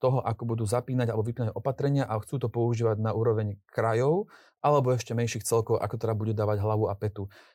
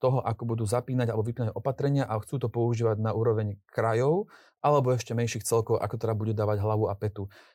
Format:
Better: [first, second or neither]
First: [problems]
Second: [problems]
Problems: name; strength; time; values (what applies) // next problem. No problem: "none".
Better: neither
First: none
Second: none